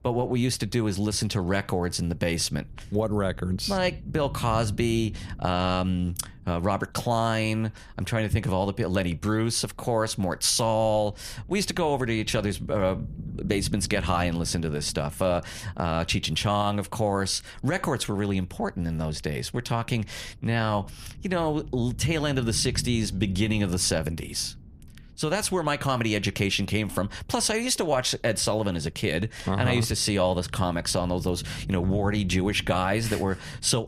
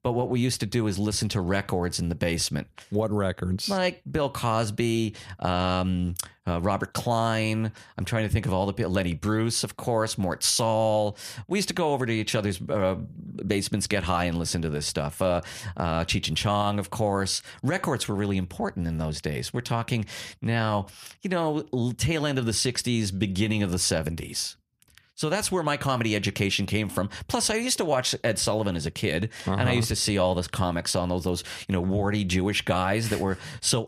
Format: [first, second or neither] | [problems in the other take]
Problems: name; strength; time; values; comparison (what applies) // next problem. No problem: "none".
second | low rumble; faint; throughout; 25 dB below the speech